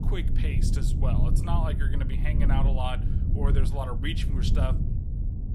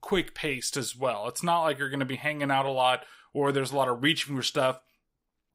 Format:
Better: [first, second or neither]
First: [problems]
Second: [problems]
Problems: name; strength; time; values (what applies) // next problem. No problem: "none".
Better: second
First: low rumble; loud; throughout; 5 dB below the speech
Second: none